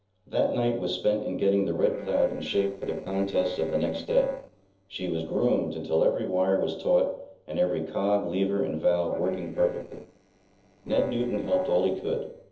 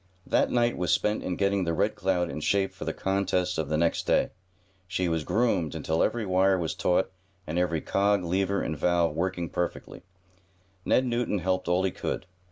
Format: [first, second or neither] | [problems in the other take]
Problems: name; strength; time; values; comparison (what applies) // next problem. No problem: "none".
second | noise reduction (neural separator model SepFormer DNS4)